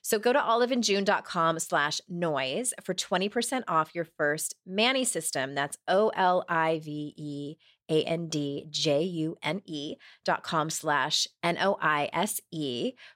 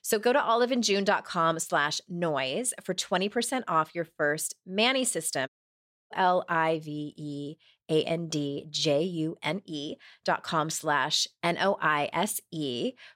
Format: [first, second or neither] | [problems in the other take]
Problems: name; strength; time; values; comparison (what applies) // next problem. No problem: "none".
first | audio cutting out; at 5.5 s for 0.5 s